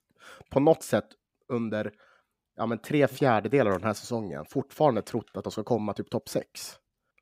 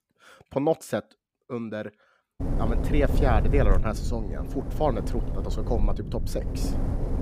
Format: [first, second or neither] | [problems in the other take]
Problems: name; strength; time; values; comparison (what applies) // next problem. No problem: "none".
first | wind noise on the microphone; heavy; from 2.5 s on; 9 dB below the speech